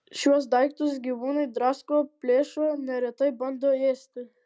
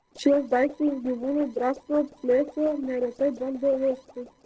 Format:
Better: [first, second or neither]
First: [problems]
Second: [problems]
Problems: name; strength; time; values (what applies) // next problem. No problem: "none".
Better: first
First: none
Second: noise reduction (neural separator model SepFormer DNS4)